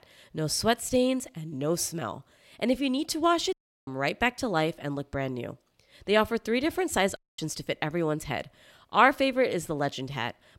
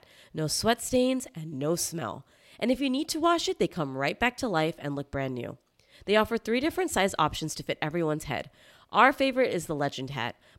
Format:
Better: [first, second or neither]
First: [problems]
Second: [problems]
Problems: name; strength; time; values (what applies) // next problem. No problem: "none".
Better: second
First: audio cutting out; at 3.5 s and at 7 s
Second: none